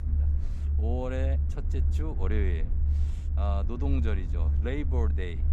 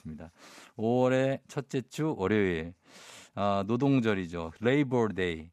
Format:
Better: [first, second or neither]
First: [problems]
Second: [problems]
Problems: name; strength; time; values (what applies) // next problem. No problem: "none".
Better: second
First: low rumble; loud; throughout; 8 dB below the speech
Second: none